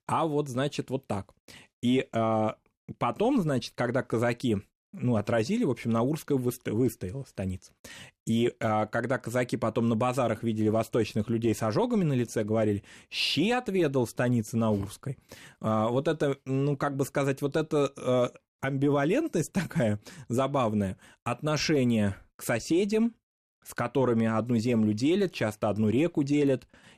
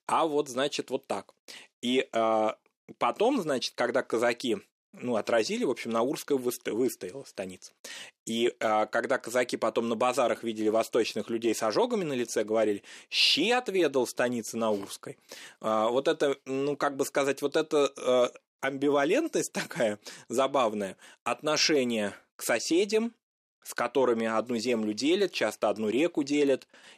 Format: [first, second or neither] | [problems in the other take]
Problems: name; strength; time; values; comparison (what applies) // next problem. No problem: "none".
first | thin; somewhat; fading below 400 Hz